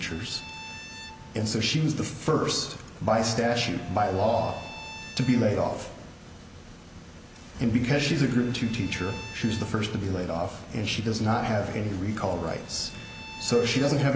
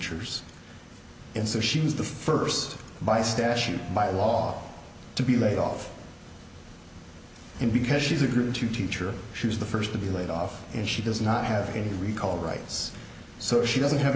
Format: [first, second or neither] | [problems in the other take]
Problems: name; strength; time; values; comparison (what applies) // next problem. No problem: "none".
second | background sound (Bowed string instrument); 20 dB below the speech